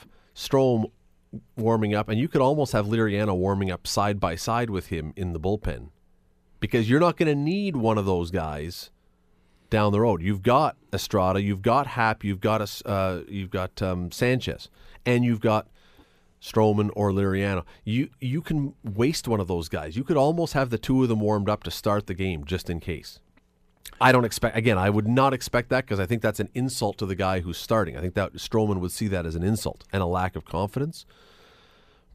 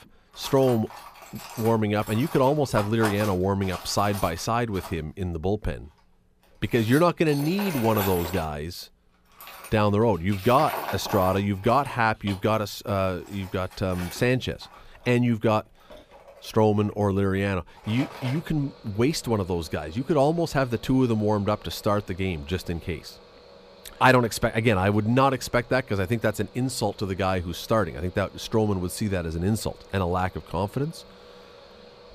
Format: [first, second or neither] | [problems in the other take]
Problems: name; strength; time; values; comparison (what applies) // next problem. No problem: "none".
first | machinery noise; noticeable; throughout; 15 dB below the speech